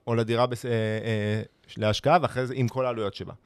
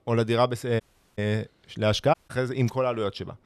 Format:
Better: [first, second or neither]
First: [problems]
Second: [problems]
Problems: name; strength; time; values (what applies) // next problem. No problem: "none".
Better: first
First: none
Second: audio cutting out; at 1 s and at 2 s